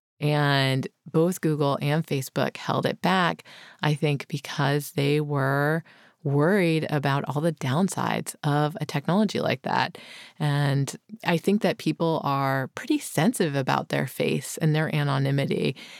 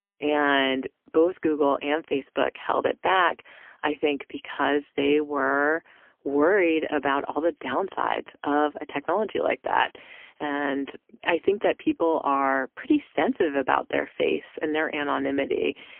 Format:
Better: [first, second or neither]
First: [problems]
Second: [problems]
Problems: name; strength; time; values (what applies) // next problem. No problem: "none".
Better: first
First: none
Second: phone-call audio; poor line; nothing above 3 kHz